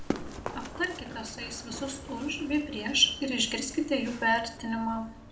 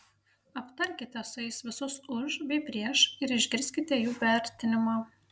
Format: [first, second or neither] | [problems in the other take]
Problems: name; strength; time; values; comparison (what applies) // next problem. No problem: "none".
second | background sound (Run); 10 dB below the speech // room echo; dies away in 0.6 s